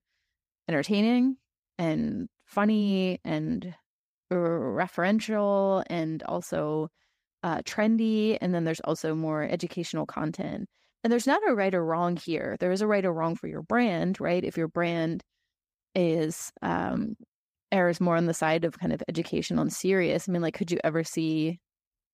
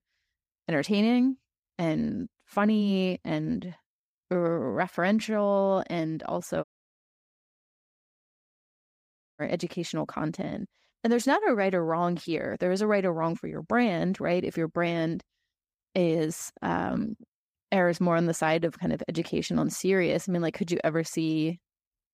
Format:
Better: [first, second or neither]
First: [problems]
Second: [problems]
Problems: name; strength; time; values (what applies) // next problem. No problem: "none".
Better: first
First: none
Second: audio cutting out; at 6.5 s for 2.5 s